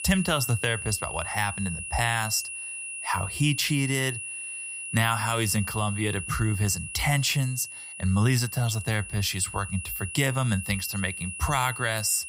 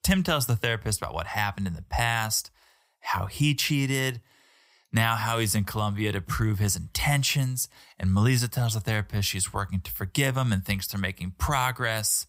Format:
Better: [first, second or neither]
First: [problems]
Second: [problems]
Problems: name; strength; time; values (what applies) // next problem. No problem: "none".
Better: second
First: high-pitched whine; loud; throughout; 2.5 kHz, 8 dB below the speech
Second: none